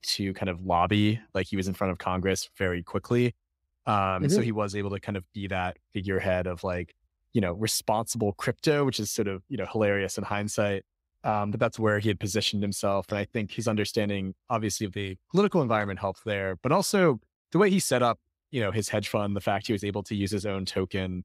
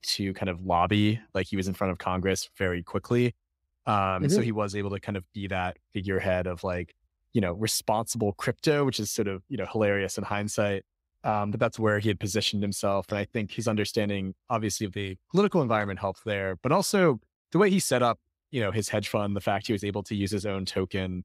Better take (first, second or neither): neither